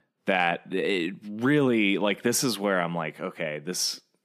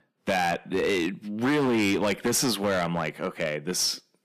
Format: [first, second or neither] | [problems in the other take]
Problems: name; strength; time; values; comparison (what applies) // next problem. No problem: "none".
first | distortion; heavy; 11% of the sound clipped